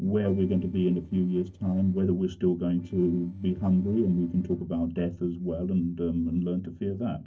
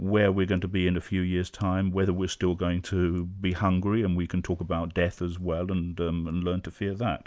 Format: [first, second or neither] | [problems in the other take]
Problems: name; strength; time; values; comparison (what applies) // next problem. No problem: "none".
second | noise reduction (neural separator model SepFormer DNS4)